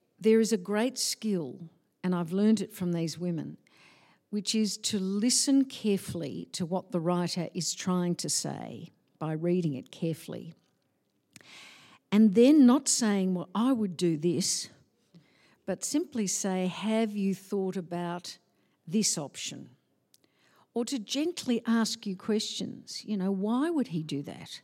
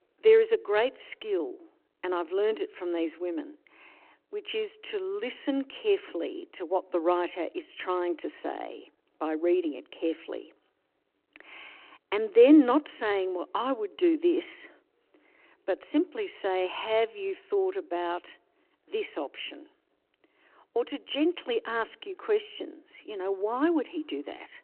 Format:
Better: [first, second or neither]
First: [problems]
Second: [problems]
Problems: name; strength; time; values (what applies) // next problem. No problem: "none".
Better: first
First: none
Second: phone-call audio